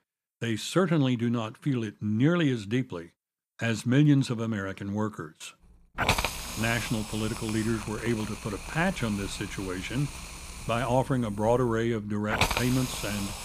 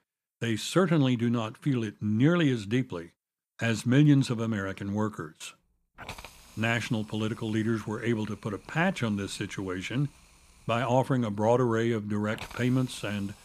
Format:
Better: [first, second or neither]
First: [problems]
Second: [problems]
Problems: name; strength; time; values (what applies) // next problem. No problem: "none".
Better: second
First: hiss; loud; from 5.5 s on; 5 dB below the speech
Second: hiss; faint; from 5.5 s on; 20 dB below the speech